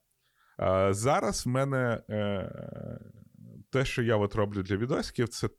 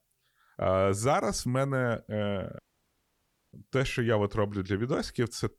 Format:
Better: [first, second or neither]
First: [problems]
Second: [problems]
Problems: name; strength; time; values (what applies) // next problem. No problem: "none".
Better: first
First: none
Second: audio cutting out; at 2.5 s for 1 s